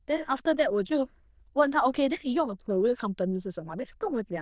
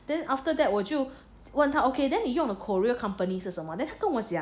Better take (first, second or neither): second